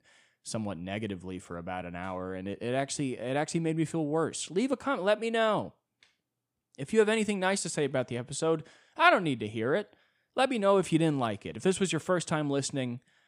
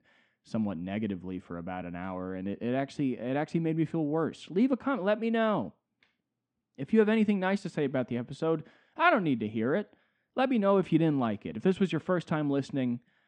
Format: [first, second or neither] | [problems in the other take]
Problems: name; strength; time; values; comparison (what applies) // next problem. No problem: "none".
first | muffled; slightly; fading above 3 kHz